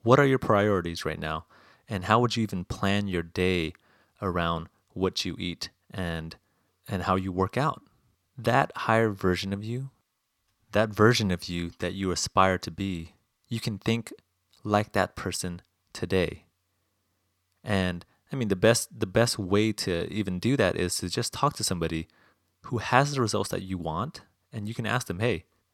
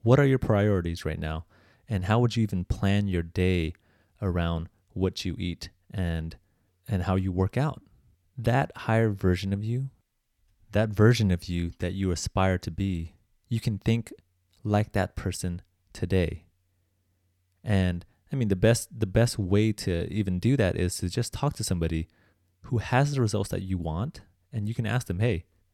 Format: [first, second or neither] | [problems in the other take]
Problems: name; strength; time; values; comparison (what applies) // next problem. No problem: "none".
second | thin; very slightly; fading below 500 Hz